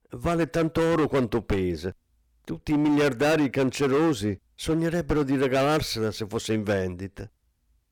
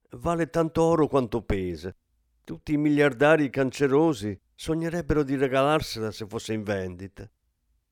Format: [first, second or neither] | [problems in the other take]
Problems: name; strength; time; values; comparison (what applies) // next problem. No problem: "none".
second | distortion; heavy; 13% of the sound clipped